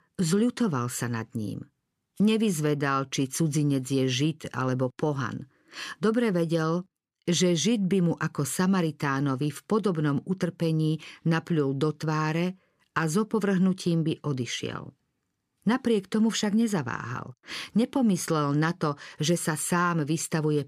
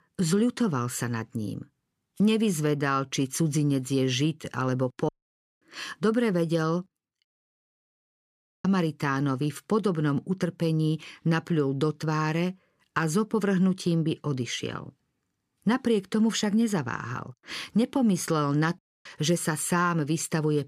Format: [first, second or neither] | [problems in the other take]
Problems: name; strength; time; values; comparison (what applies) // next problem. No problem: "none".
first | audio cutting out; at 5 s for 0.5 s, at 7.5 s for 1.5 s and at 19 s